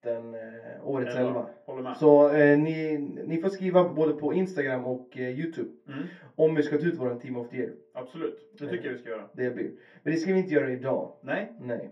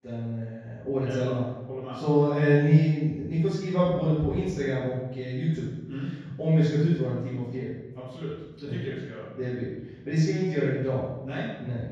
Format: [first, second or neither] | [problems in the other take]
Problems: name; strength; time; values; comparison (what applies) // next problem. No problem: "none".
first | room echo; strong; dies away in 1.4 s; slight in the first // off-mic speech; far; far in the first